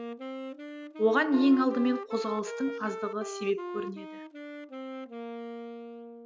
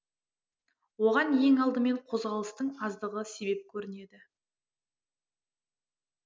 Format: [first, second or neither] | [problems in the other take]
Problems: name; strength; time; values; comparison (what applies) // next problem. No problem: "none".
second | background sound (Wind instrument, woodwind instrument); 9 dB below the speech